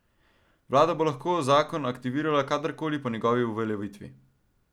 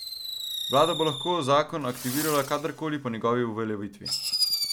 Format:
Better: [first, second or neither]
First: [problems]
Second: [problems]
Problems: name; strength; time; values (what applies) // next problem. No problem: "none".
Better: first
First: none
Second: background sound (Fireworks); 5 dB below the speech